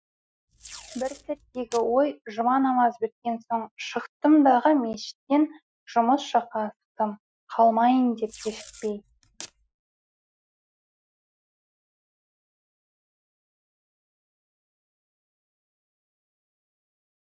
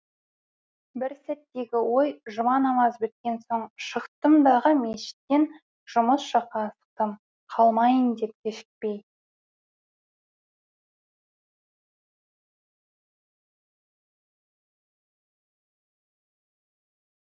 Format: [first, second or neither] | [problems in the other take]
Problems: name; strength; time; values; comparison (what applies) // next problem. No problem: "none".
second | noise reduction (classical method Wiener filter)